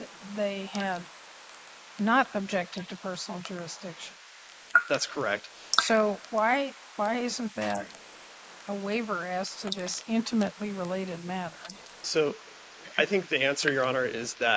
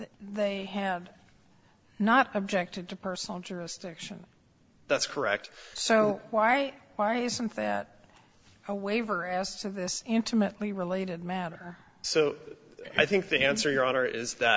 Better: second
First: noise reduction (neural mask model Resemble Enhance denoiser)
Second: none

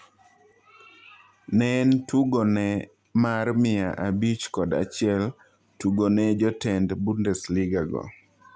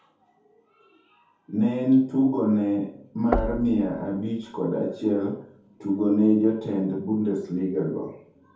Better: first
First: none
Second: background sound (Knock); 8 dB below the speech // room echo; dies away in 0.6 s

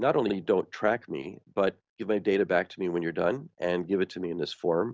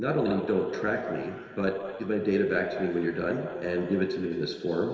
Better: first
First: none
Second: room echo; dies away in 2.5 s

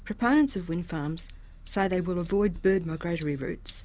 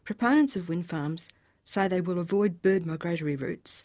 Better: second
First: background sound (Sink (filling or washing)); 16 dB below the speech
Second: none

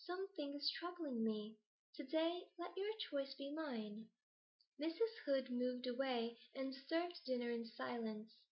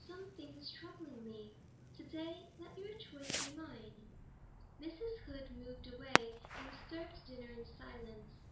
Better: first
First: none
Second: background sound (Fireworks); 4 dB above the speech // room echo; dies away in 0.4 s

